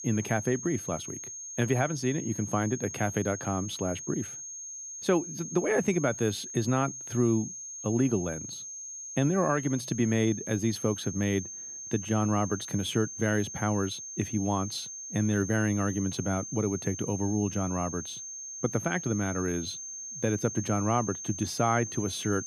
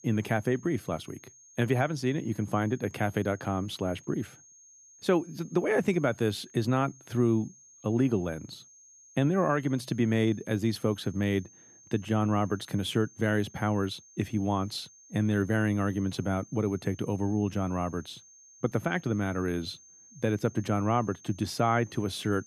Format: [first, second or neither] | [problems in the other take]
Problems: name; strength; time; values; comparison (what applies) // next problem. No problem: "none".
second | high-pitched whine; loud; throughout; 6.5 kHz, 8 dB below the speech; faint in the second